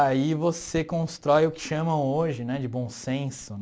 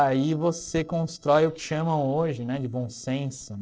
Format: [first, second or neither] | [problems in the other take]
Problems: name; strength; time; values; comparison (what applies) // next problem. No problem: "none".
first | noise reduction (neural separator model SepFormer DNS4)